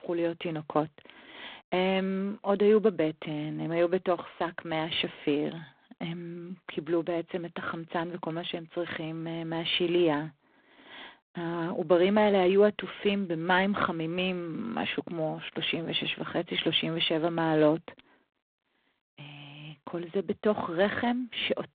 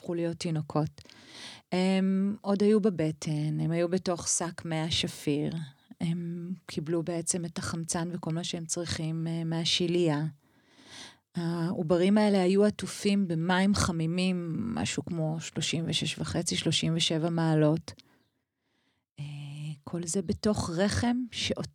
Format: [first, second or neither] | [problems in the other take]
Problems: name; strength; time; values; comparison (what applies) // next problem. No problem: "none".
second | phone-call audio; poor line; nothing above 3.5 kHz